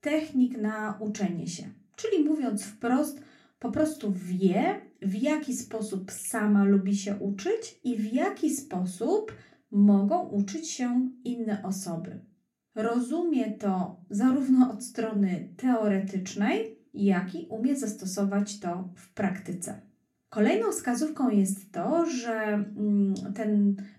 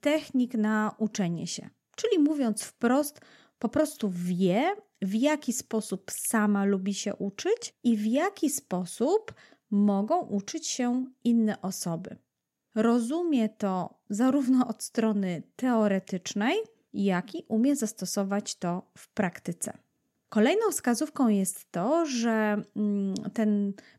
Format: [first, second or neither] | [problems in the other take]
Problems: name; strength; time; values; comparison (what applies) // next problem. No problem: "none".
second | off-mic speech; far // room echo; very slight; dies away in 0.3 s